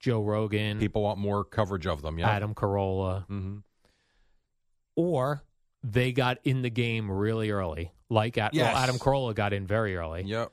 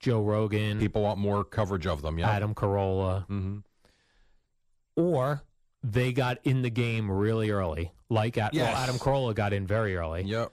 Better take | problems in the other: first | distortion; slight; 10 dB below the speech

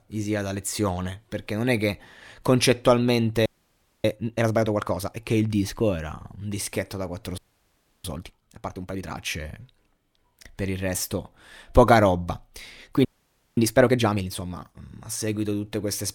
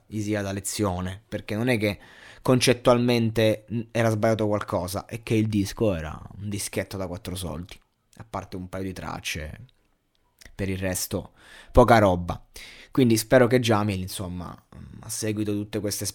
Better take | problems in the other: second | audio freezing; at 3.5 s for 0.5 s, at 7.5 s for 0.5 s and at 13 s for 0.5 s

